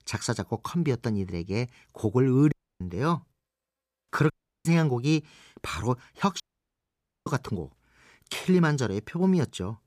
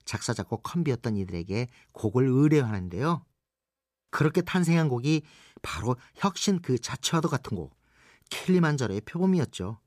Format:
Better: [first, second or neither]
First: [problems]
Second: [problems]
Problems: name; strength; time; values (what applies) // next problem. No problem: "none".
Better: second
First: audio cutting out; at 2.5 s, at 4.5 s and at 6.5 s for 1 s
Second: none